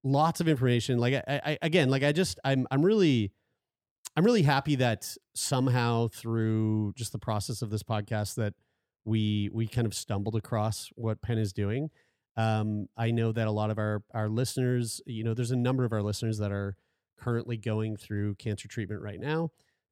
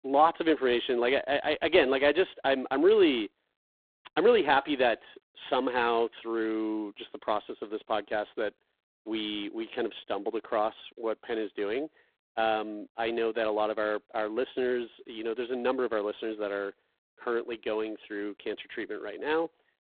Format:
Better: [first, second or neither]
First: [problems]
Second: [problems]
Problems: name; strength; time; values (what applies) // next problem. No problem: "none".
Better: first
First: none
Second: phone-call audio; poor line